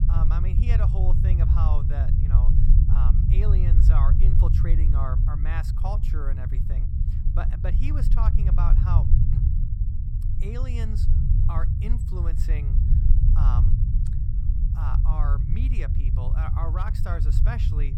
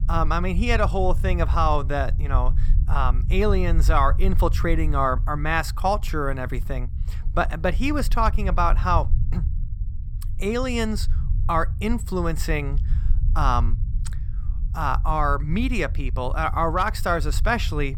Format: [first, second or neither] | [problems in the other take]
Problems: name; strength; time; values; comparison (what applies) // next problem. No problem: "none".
second | low rumble; loud; throughout; 2 dB below the speech; faint in the second